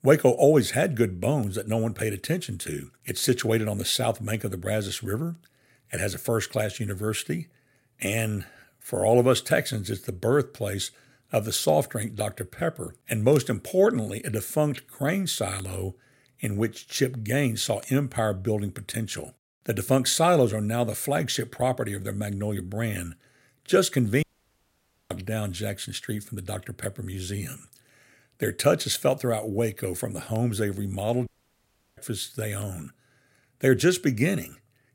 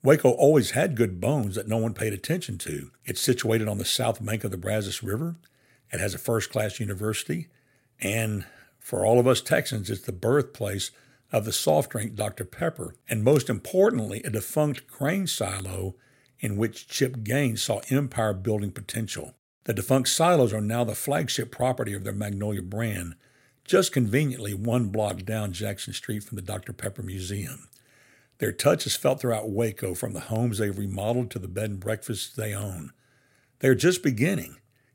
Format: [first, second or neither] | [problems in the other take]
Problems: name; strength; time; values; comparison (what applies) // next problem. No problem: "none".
second | audio cutting out; at 24 s for 1 s and at 31 s for 0.5 s